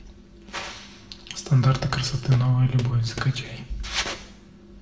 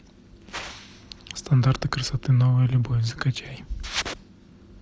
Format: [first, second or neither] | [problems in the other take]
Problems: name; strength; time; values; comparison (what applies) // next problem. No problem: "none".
second | background sound (Walk, footsteps); 15 dB below the speech // room echo; dies away in 0.7 s